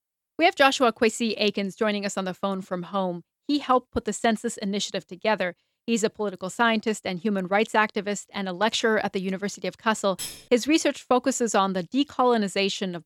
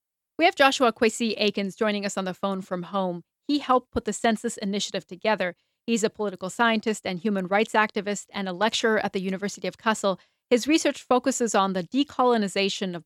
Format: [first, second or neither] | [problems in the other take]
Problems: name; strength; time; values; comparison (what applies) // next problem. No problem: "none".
second | clattering dishes; noticeable; at 10 s; peak 10 dB below the speech